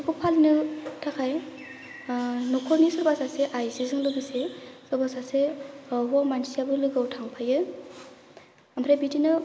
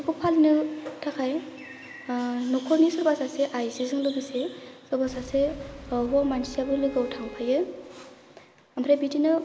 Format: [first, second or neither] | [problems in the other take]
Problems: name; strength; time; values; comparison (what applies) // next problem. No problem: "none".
first | background sound (Bowed string instrument + Boom); 18 dB below the speech